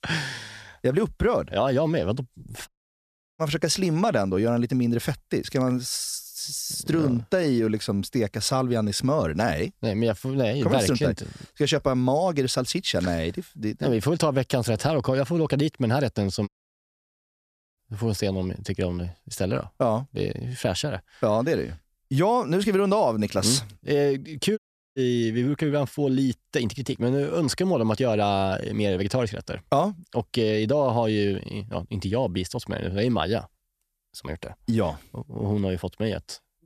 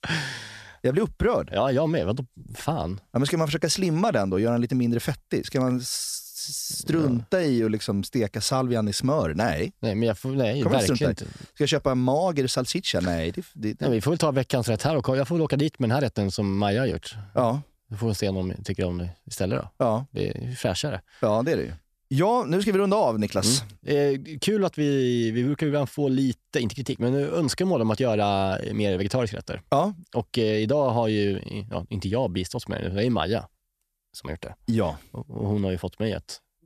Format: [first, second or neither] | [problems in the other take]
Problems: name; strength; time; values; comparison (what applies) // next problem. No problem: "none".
second | audio cutting out; at 2.5 s for 0.5 s, at 16 s for 1.5 s and at 25 s